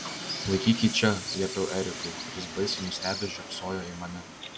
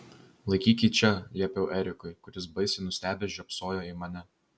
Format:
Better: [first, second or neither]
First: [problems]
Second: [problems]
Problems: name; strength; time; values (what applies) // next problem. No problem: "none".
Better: second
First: background sound (Bird vocalization, bird call, bird song + Train); 7 dB below the speech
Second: none